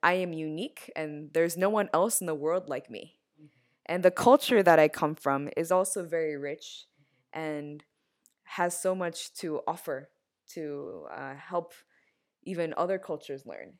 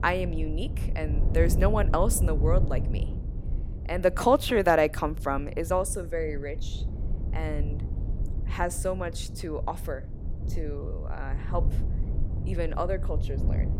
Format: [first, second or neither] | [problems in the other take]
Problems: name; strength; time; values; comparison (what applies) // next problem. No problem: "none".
first | wind noise on the microphone; occasional gusts; 15 dB below the speech